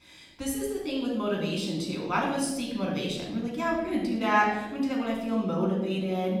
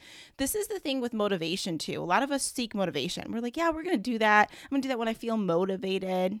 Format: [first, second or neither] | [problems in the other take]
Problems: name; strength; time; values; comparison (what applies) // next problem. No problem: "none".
second | off-mic speech; far // room echo; noticeable; dies away in 1.2 s